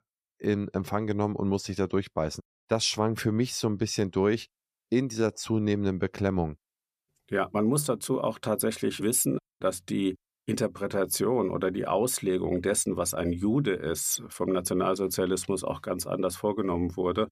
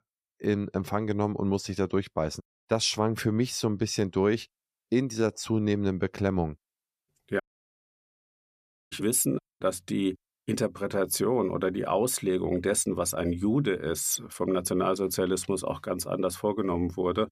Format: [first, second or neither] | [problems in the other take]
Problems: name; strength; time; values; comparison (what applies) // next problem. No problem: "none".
first | audio cutting out; at 7.5 s for 1.5 s